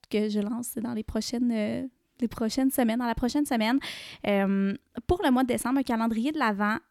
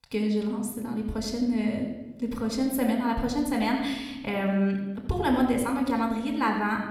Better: first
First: none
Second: room echo; noticeable; dies away in 1 s

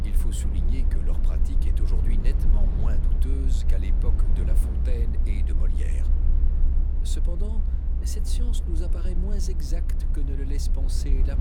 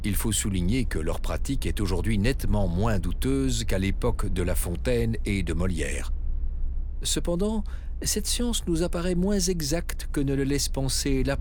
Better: second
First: low rumble; loud; throughout; 2 dB below the speech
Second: low rumble; faint; throughout; 25 dB below the speech

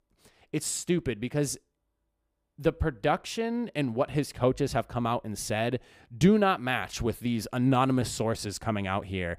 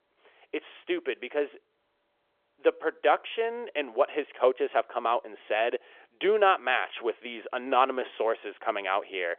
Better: first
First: none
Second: phone-call audio; nothing above 3.5 kHz

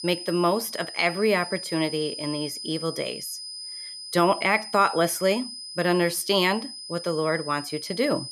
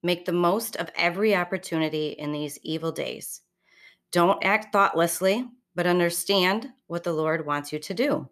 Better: second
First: high-pitched whine; loud; throughout; 5 kHz, 10 dB below the speech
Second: none

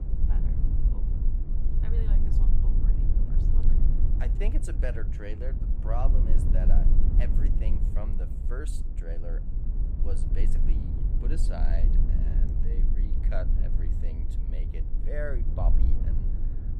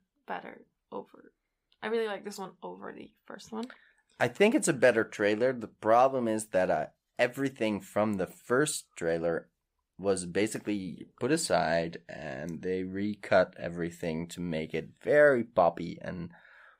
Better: second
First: low rumble; loud; throughout; 4 dB below the speech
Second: none

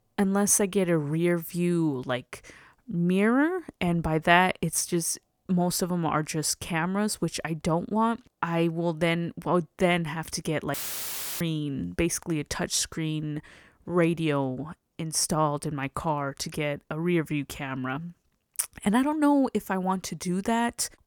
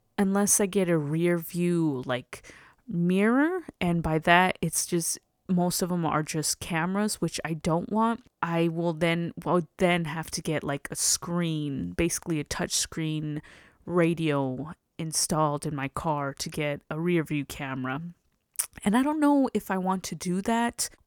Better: second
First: audio cutting out; filled with static; at 11 s for 0.5 s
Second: none

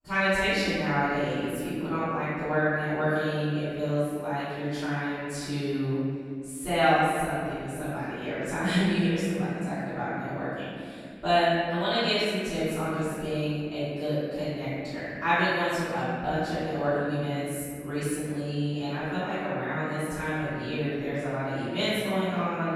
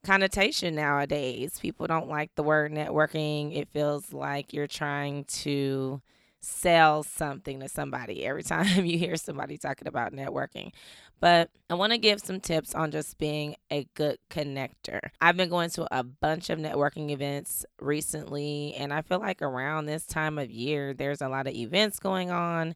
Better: second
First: room echo; strong; dies away in 2.6 s // off-mic speech; far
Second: none

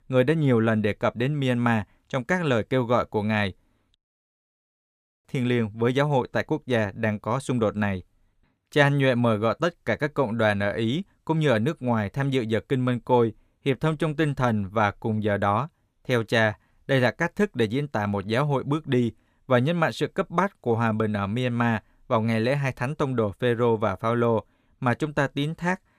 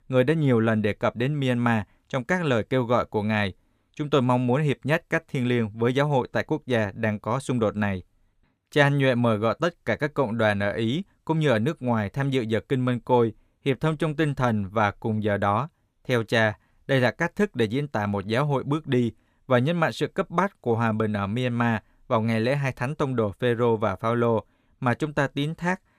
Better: second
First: audio cutting out; at 4 s for 1.5 s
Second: none

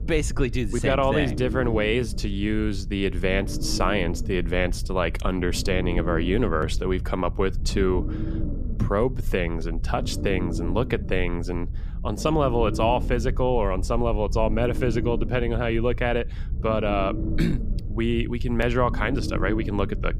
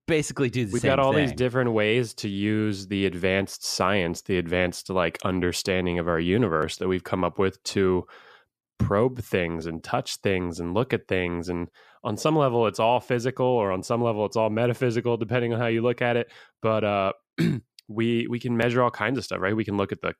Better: second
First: low rumble; noticeable; throughout; 15 dB below the speech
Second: none

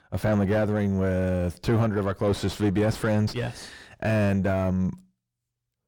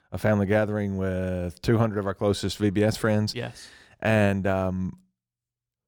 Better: second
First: distortion; heavy; 7 dB below the speech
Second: none

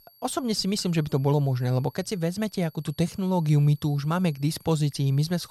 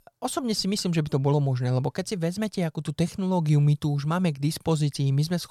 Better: second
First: high-pitched whine; faint; throughout; 11.5 kHz, 30 dB below the speech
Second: none

